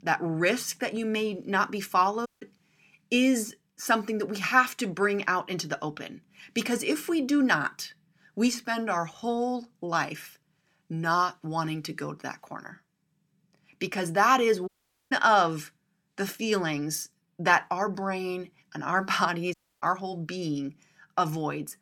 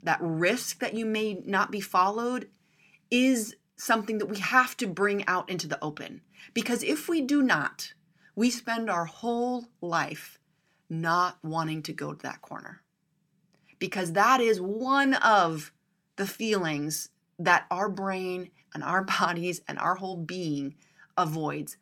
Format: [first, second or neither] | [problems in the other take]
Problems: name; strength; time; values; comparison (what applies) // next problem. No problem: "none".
second | audio cutting out; at 2.5 s, at 15 s and at 20 s